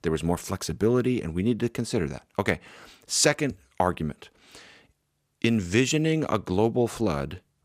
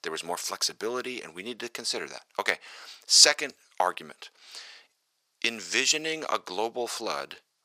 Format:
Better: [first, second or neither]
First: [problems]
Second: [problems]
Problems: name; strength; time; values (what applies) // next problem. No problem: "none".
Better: first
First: none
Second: thin; very; fading below 700 Hz